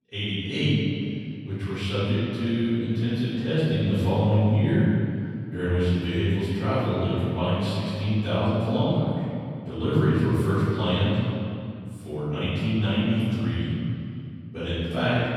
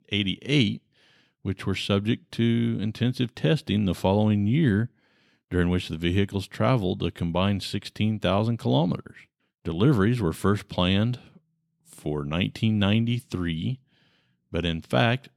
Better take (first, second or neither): second